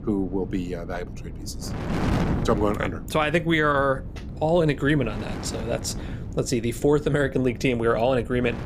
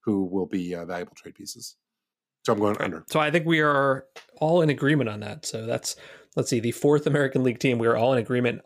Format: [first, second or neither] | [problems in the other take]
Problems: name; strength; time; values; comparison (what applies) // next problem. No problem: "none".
second | wind noise on the microphone; occasional gusts; 15 dB below the speech